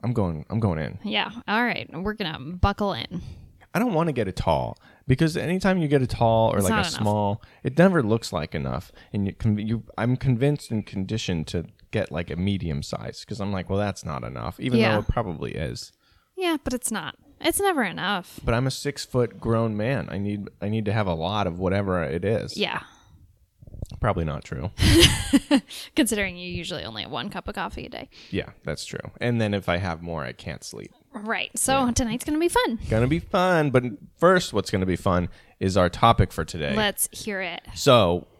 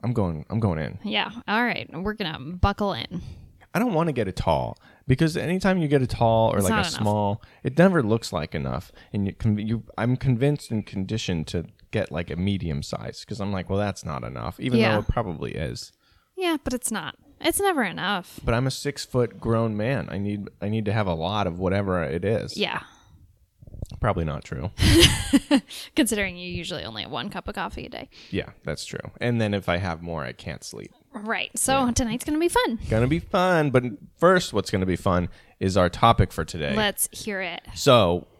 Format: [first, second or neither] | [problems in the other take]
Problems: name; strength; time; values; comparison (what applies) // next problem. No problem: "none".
neither | none